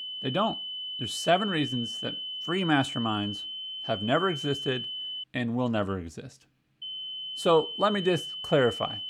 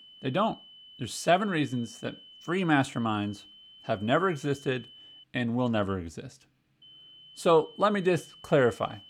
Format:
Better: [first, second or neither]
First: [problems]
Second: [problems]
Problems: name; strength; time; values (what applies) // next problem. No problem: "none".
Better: second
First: high-pitched whine; loud; until 5 s and from 7 s on; 3 kHz, 6 dB below the speech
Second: high-pitched whine; faint; until 5 s and from 7 s on; 3 kHz, 20 dB below the speech